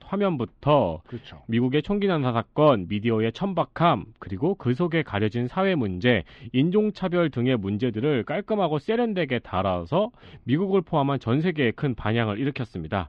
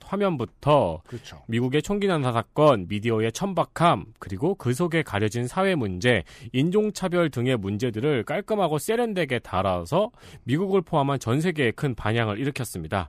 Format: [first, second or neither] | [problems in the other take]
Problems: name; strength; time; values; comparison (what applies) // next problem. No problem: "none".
second | muffled; slightly; fading above 3.5 kHz